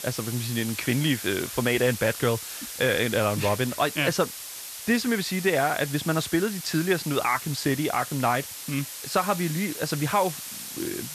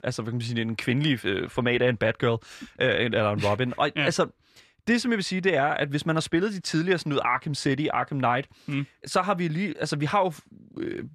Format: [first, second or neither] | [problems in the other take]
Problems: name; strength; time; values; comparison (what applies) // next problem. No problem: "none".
second | hiss; loud; throughout; 9 dB below the speech